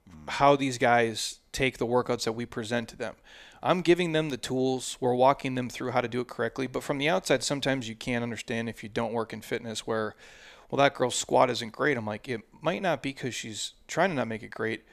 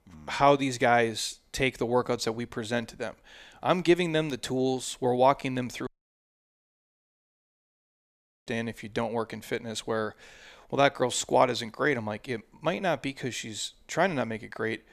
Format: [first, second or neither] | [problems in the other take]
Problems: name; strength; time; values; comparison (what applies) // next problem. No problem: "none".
first | audio cutting out; at 6 s for 2.5 s